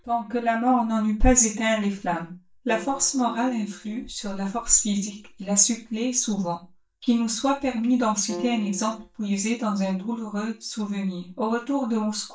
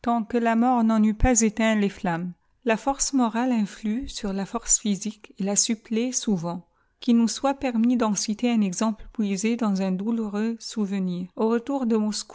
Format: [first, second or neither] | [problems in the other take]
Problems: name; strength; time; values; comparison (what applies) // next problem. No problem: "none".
second | noise reduction (neural mask model DeepFilterNet 3)